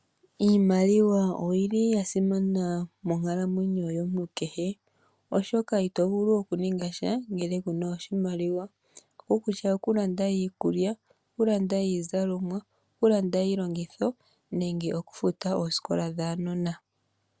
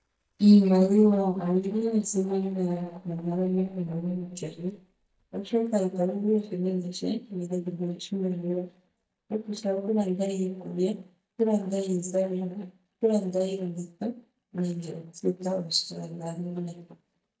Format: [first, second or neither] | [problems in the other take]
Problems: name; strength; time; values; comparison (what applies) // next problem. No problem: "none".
first | noise reduction (neural mask model DeepFilterNet 3)